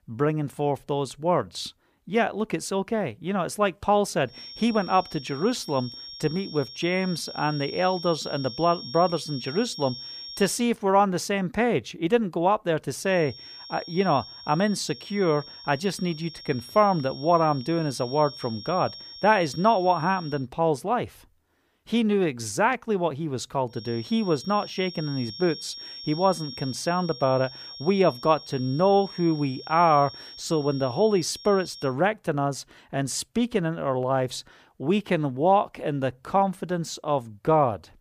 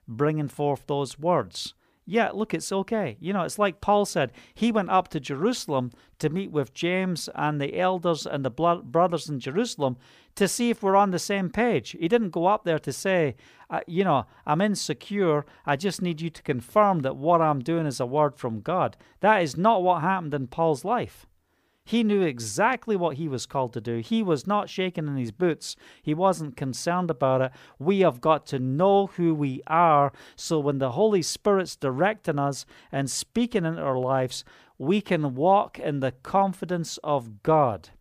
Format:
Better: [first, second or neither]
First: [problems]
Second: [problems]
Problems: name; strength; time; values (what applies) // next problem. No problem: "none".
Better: second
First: high-pitched whine; noticeable; from 4.5 to 11 s, from 13 to 20 s and from 24 to 32 s; 5.5 kHz, 15 dB below the speech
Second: none